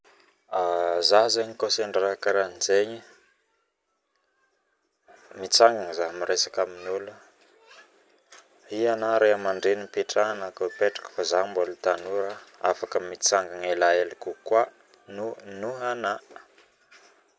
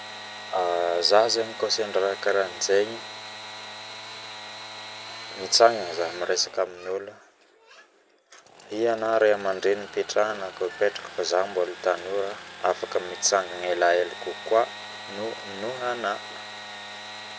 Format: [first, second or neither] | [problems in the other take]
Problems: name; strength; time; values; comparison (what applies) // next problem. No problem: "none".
first | background sound (Sawing / Engine); 14 dB below the speech